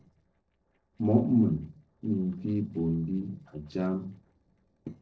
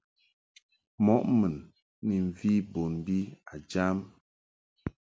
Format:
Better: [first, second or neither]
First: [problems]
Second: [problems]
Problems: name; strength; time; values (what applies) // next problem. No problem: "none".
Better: second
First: noise reduction (neural separator model SepFormer DNS4)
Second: none